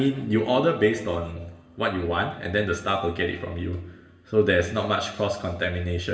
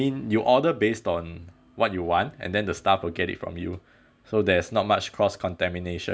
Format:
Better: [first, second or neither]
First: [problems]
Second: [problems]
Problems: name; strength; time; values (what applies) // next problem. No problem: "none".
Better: second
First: room echo; dies away in 0.9 s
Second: none